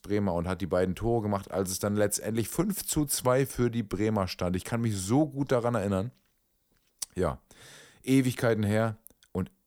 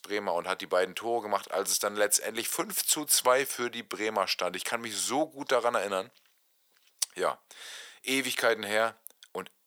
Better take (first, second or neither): first